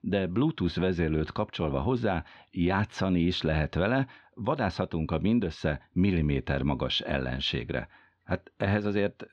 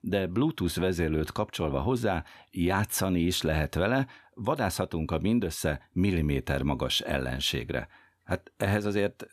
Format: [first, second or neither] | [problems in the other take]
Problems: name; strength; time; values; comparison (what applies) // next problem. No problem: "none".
second | muffled; very slightly; fading above 4.5 kHz